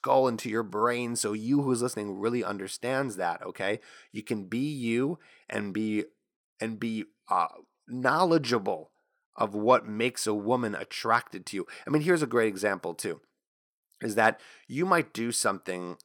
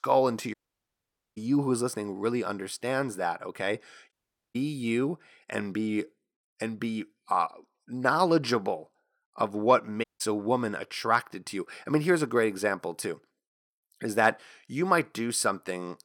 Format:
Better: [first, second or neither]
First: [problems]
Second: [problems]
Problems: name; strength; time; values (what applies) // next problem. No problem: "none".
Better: first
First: none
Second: audio cutting out; at 0.5 s for 1 s, at 4 s and at 10 s